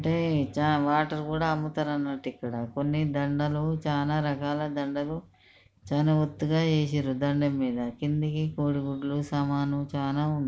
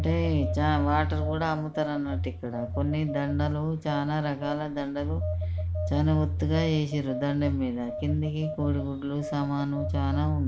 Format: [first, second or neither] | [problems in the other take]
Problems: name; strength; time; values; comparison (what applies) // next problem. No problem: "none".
first | background sound (Telephone); 3 dB below the speech